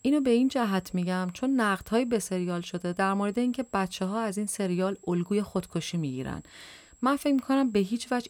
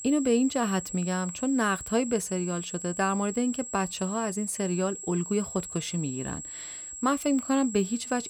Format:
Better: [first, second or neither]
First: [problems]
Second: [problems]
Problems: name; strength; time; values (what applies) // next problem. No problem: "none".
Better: first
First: high-pitched whine; faint; throughout; 7.5 kHz, 30 dB below the speech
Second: high-pitched whine; loud; throughout; 7.5 kHz, 8 dB below the speech